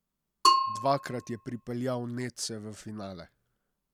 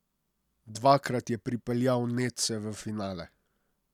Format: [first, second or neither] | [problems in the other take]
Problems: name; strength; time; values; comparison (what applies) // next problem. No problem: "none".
second | background sound (Bell / Percussion); 3 dB above the speech